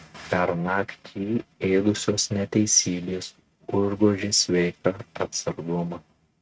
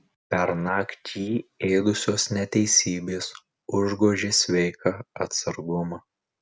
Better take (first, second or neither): second